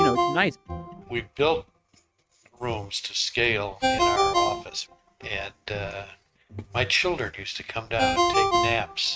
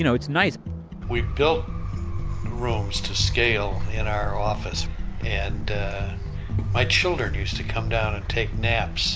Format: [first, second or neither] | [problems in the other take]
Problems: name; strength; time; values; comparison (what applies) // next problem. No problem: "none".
second | noise reduction (neural mask model RNNoise)